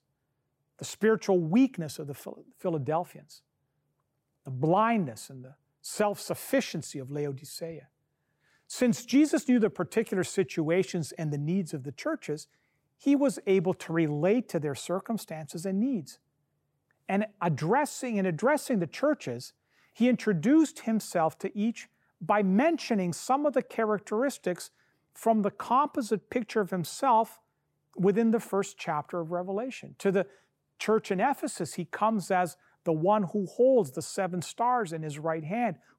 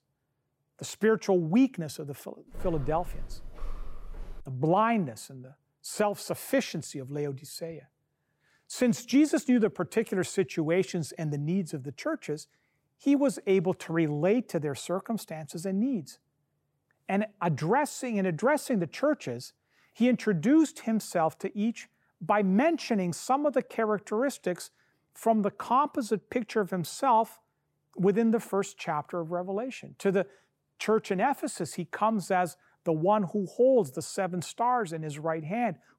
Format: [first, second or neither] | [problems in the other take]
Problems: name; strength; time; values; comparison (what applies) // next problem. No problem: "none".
first | footsteps; faint; from 2.5 to 4.5 s; peak 15 dB below the speech